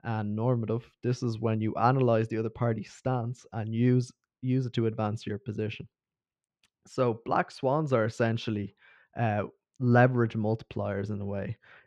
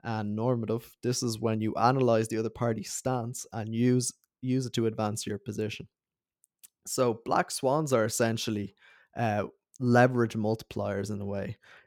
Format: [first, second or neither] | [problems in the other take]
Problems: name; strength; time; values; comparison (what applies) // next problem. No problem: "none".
second | muffled; slightly; fading above 2.5 kHz